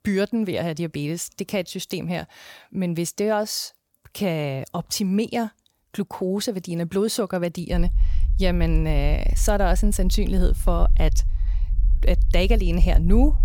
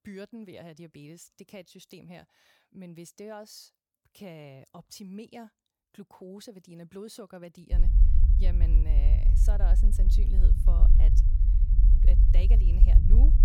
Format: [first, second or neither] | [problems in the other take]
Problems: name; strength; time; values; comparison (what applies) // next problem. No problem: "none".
first | low rumble; loud; from 7.5 s on; as loud as the speech; faint in the first